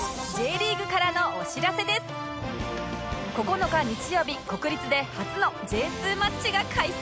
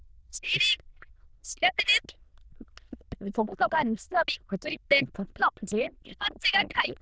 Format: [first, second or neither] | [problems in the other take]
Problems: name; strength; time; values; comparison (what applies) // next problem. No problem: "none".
first | noise reduction (neural diffusion model UNIVERSE++)